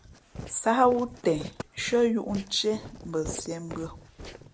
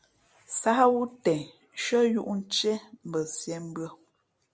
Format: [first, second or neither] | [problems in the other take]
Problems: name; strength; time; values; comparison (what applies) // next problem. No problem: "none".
second | background sound (Walk, footsteps); 14 dB below the speech